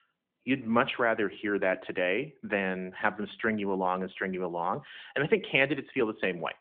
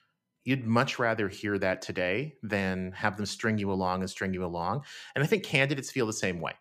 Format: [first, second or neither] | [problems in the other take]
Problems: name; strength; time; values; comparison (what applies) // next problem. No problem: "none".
second | phone-call audio